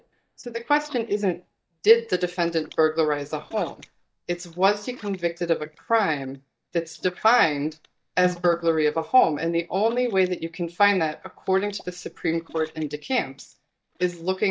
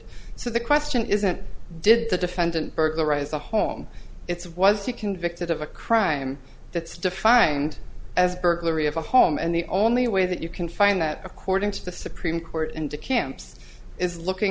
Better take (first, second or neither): second